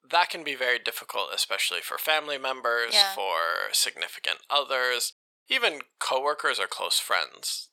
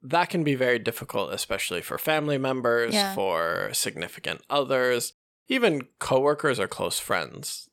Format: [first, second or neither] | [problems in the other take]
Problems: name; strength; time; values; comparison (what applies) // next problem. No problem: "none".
second | thin; very; fading below 850 Hz